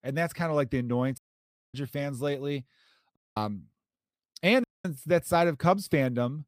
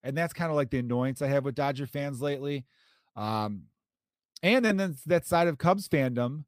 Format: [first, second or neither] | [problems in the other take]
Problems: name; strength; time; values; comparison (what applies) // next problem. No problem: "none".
second | audio cutting out; at 1 s for 0.5 s, at 3 s and at 4.5 s